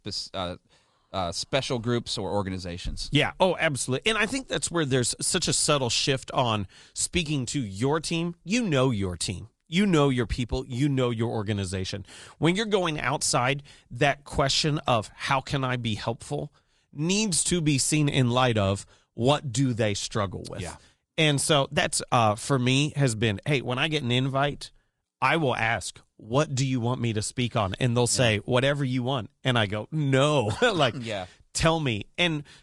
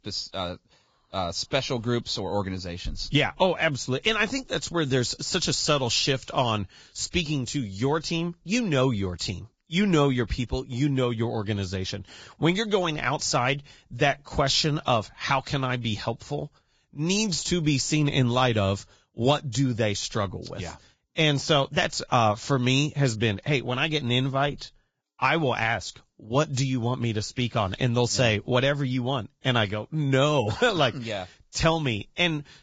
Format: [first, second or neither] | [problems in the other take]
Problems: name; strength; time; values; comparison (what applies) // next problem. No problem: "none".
first | garbled, watery; badly; nothing above 7.5 kHz; slightly in the first